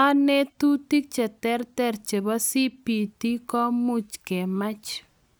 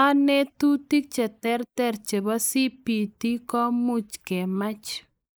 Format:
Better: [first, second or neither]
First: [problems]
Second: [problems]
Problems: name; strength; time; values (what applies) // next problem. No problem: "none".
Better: first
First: none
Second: noise reduction (neural mask model Resemble Enhance denoiser)